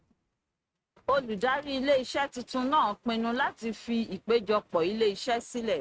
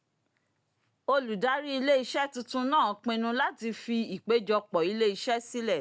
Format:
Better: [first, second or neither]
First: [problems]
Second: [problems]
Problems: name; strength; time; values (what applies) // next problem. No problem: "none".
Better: second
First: noise reduction (neural mask model RNNoise)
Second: none